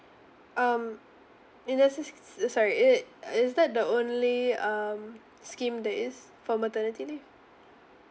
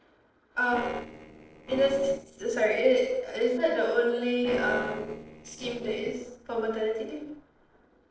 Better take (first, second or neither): first